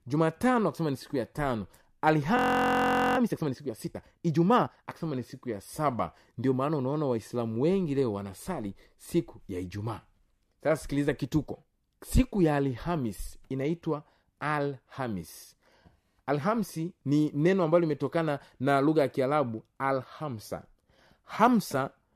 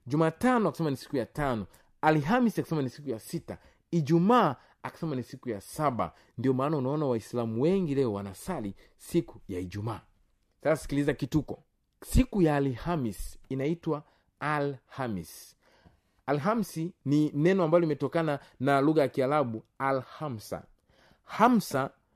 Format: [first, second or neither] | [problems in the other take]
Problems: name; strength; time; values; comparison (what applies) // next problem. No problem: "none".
second | audio freezing; at 2.5 s for 1 s